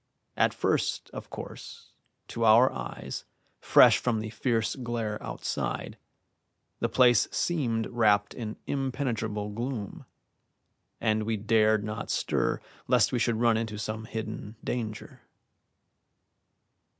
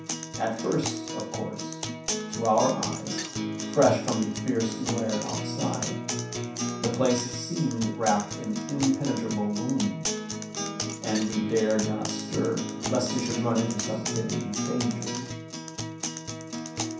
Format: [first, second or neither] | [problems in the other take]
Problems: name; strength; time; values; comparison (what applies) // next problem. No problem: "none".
first | background sound (Acoustic guitar); 3 dB below the speech // room echo; dies away in 0.7 s